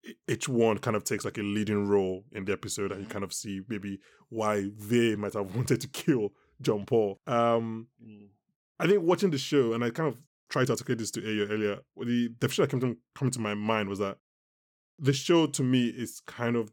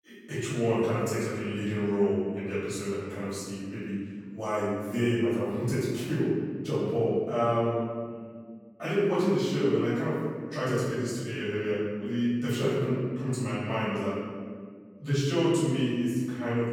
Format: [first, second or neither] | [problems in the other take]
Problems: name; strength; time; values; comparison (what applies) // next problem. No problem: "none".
first | off-mic speech; far // room echo; strong; dies away in 1.7 s